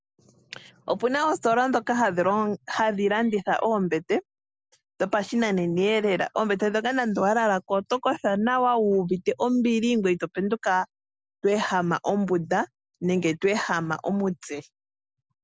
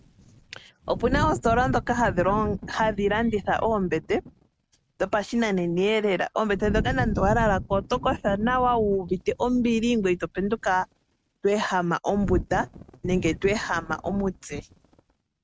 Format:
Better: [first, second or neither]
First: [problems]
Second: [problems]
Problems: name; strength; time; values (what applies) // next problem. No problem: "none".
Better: first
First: none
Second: noise reduction (neural mask model RNNoise)